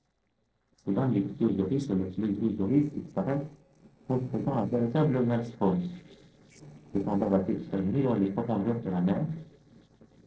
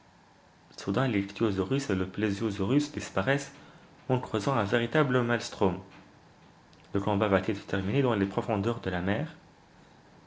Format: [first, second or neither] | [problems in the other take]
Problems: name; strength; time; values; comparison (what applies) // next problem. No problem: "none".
second | noise reduction (neural separator model SepFormer DNS4)